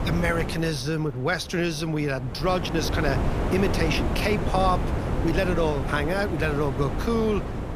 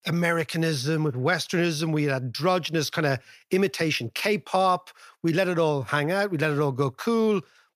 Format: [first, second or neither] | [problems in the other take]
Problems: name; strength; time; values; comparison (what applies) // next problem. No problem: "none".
second | wind noise on the microphone; heavy; 6 dB below the speech